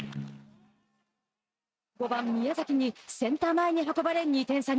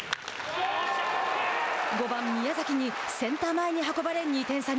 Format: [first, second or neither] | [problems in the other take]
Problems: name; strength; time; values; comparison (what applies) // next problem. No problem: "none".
second | noise reduction (neural mask model RNNoise)